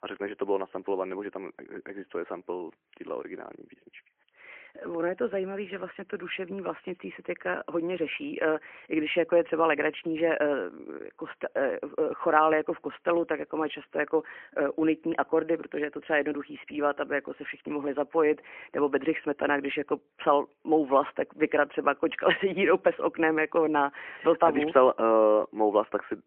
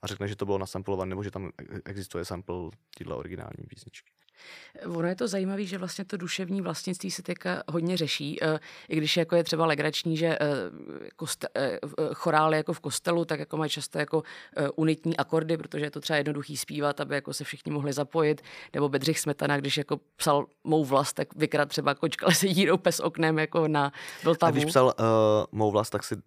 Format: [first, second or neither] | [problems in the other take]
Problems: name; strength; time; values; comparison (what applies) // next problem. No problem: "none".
second | phone-call audio; poor line; nothing above 3 kHz